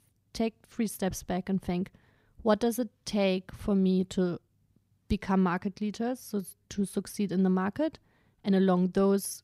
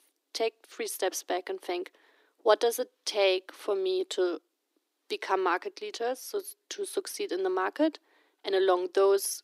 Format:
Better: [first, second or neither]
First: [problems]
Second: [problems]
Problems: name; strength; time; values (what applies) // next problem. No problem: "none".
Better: first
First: none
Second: thin; very; fading below 300 Hz